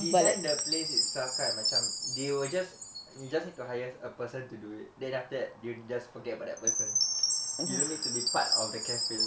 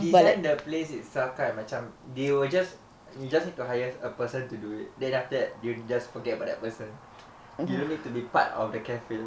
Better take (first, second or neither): second